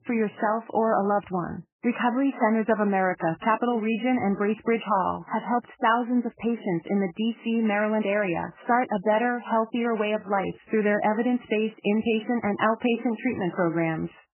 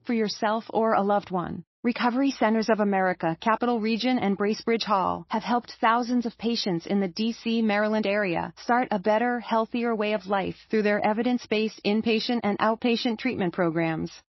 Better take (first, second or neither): second